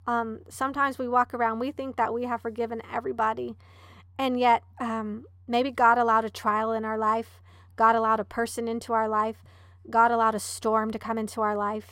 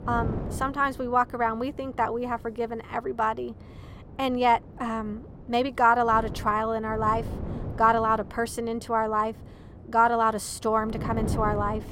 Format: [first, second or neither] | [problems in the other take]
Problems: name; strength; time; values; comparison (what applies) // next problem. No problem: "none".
first | wind noise on the microphone; occasional gusts; 20 dB below the speech